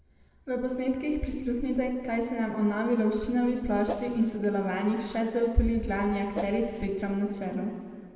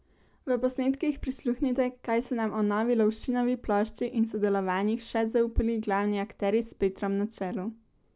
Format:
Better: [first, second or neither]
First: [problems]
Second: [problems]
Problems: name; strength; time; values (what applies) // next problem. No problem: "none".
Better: second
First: background sound (Whoosh, swoosh, swish); 9 dB below the speech // room echo; dies away in 2.2 s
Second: none